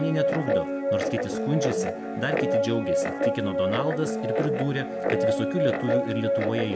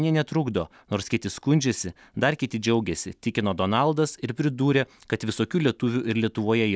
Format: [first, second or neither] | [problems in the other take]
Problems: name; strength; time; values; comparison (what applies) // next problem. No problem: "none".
second | background sound (Guitar); 4 dB above the speech // room echo; dies away in 0.3 s